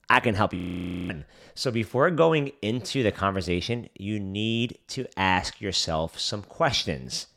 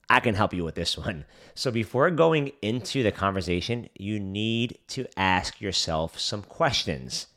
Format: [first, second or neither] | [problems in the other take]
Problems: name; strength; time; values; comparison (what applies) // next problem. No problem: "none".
second | audio freezing; at 0.5 s for 0.5 s